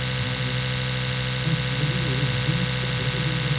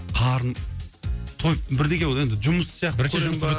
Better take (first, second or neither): second